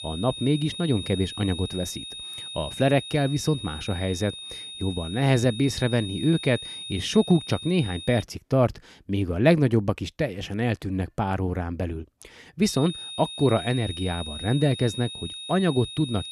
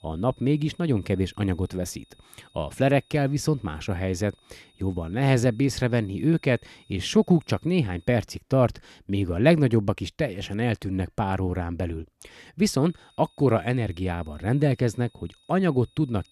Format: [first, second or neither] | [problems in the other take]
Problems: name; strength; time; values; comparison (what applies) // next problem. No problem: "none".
second | high-pitched whine; loud; until 8 s and from 13 s on; 3.5 kHz, 10 dB below the speech; faint in the second